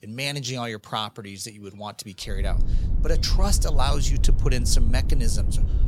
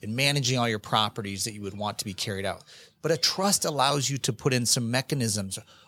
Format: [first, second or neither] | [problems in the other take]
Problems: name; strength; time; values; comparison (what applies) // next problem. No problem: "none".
second | low rumble; noticeable; from 2.5 s on; 15 dB below the speech